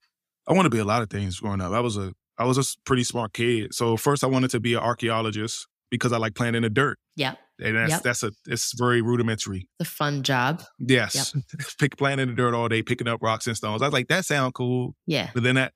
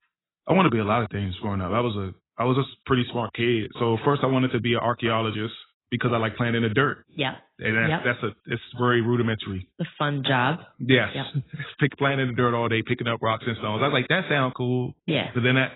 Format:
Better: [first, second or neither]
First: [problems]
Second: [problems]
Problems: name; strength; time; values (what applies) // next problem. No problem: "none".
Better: first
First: none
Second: garbled, watery; badly; nothing above 4 kHz